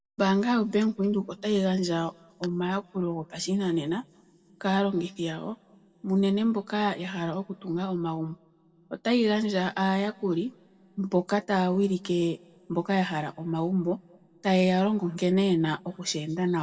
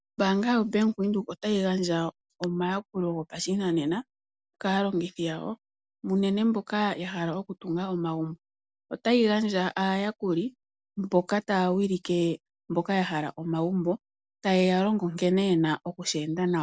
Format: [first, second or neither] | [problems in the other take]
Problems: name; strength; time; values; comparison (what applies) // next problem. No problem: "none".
second | room echo; dies away in 1.6 s